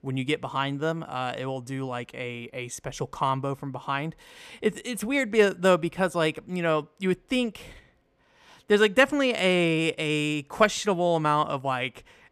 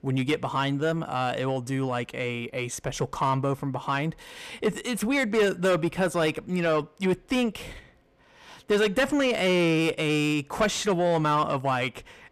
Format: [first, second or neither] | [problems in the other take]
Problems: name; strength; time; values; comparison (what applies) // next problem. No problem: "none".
first | distortion; heavy; 7 dB below the speech